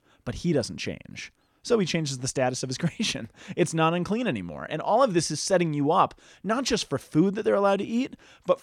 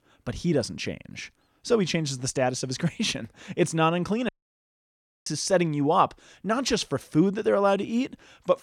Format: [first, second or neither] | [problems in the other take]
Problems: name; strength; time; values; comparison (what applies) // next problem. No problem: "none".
first | audio cutting out; at 4.5 s for 1 s